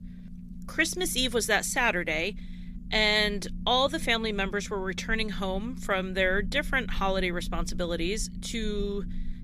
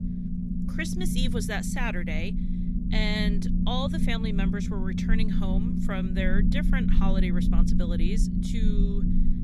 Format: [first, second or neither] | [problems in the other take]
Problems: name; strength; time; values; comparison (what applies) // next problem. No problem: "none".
first | low rumble; loud; throughout; 2 dB below the speech; faint in the first